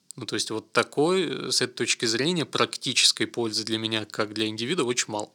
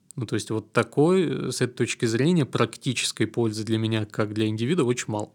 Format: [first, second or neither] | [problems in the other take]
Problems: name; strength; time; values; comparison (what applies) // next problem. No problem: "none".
second | thin; somewhat; fading below 1 kHz